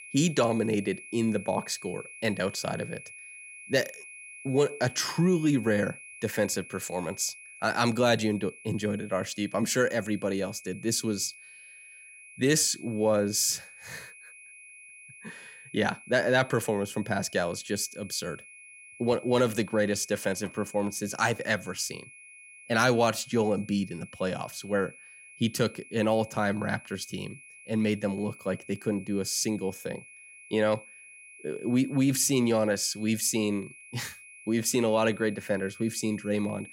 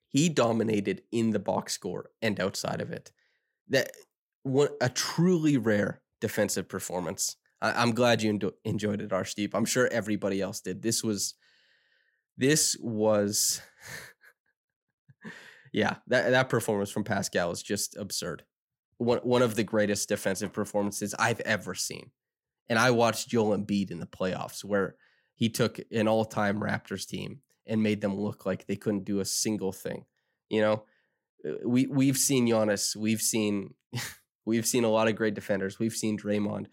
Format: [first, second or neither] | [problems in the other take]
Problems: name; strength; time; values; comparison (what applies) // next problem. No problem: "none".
second | high-pitched whine; noticeable; throughout; 2.5 kHz, 20 dB below the speech